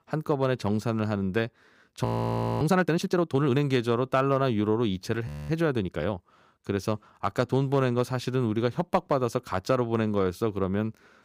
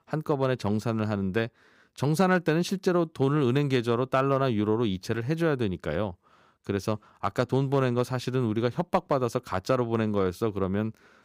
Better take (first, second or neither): second